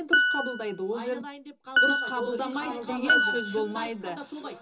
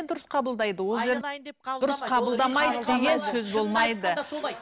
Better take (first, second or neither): second